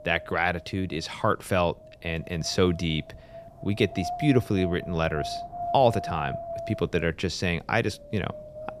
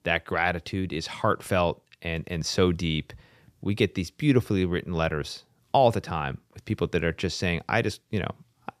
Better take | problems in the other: second | wind noise on the microphone; heavy; 9 dB below the speech

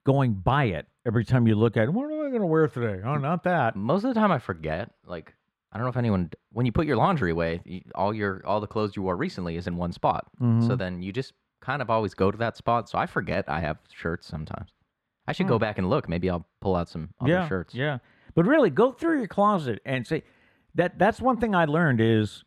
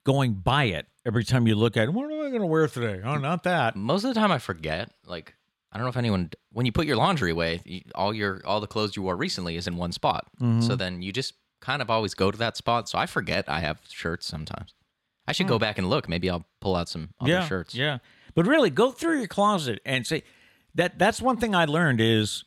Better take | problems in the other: second | muffled; slightly; fading above 2.5 kHz

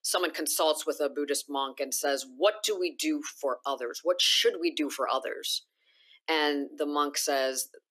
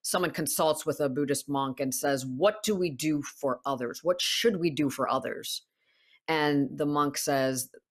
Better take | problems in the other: second | thin; very slightly; fading below 300 Hz

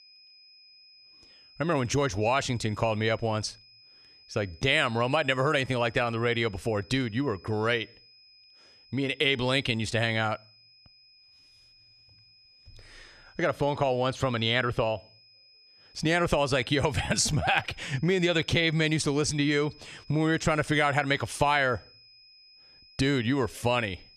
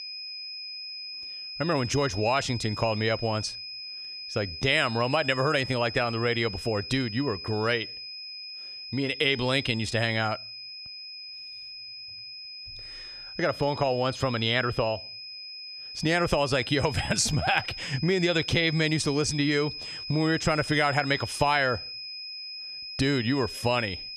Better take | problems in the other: first | high-pitched whine; loud; throughout; 5 kHz, 10 dB below the speech; faint in the first

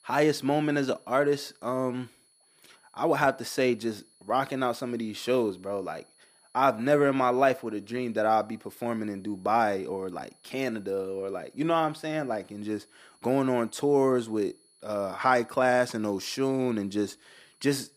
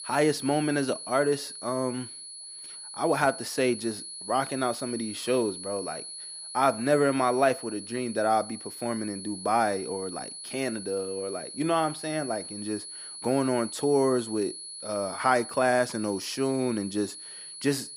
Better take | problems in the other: first | high-pitched whine; loud; throughout; 10 kHz, 10 dB below the speech; faint in the first

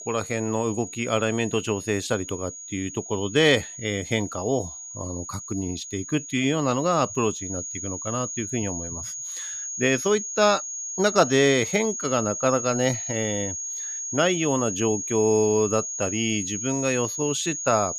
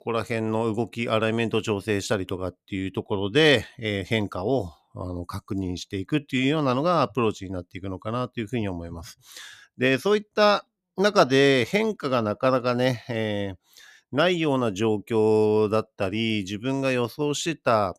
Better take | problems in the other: second | high-pitched whine; loud; throughout; 6.5 kHz, 6 dB below the speech

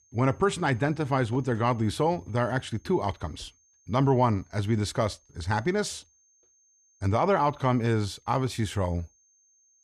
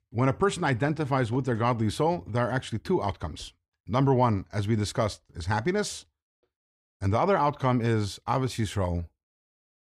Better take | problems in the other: second | high-pitched whine; faint; throughout; 6.5 kHz, 35 dB below the speech

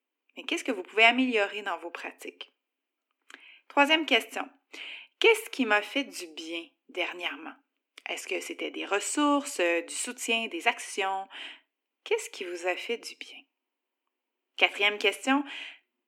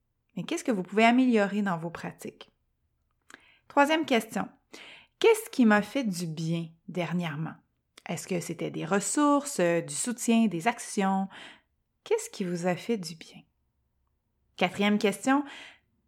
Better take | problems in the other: second | thin; very slightly; fading below 250 Hz

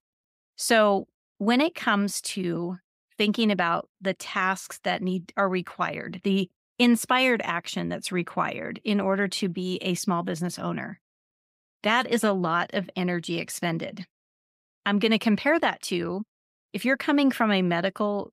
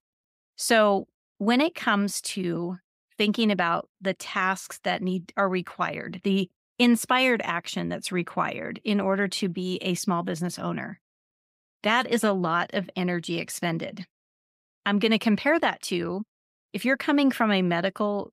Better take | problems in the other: neither | none

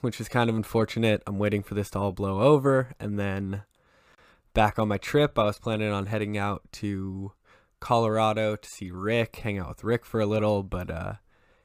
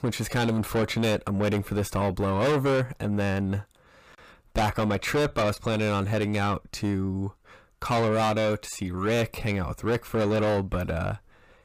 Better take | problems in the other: first | distortion; heavy; 6 dB below the speech

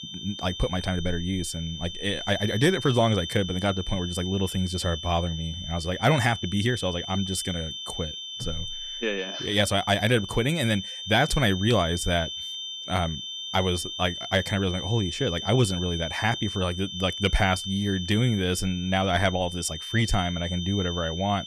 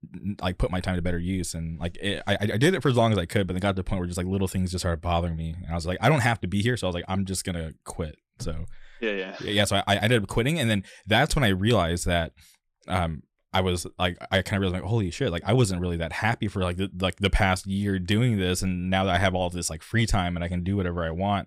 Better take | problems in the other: second | high-pitched whine; loud; throughout; 3 kHz, 7 dB below the speech

